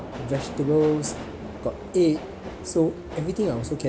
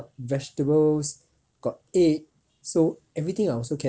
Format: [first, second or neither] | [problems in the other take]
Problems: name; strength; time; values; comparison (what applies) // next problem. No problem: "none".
second | background sound (Subway, metro, underground); 10 dB below the speech